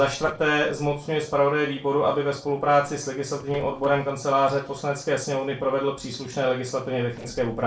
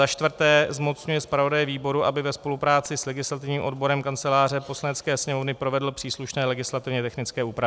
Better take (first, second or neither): second